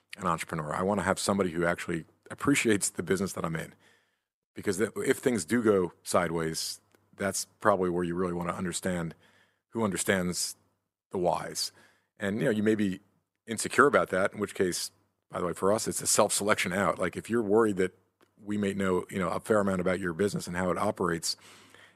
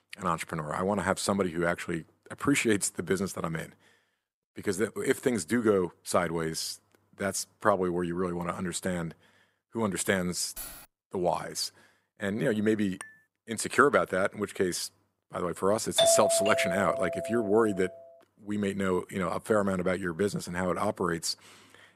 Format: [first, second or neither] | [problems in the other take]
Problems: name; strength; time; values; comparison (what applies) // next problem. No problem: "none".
first | jangling keys; faint; at 11 s; peak 10 dB below the speech // clattering dishes; faint; at 13 s; peak 15 dB below the speech // doorbell; loud; from 16 to 18 s; peak 5 dB above the speech